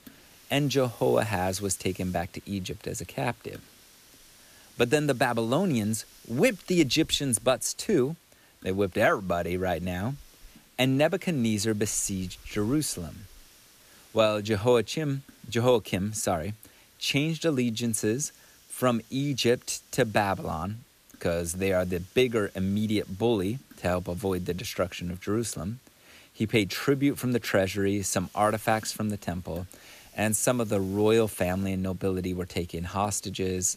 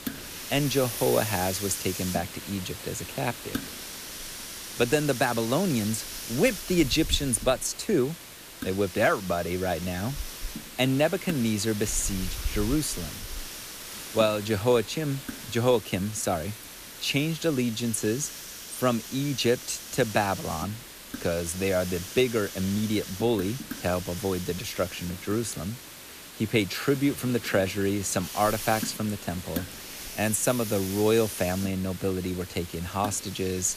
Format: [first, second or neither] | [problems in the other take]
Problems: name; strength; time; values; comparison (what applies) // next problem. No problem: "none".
first | hiss; loud; throughout; 9 dB below the speech; faint in the first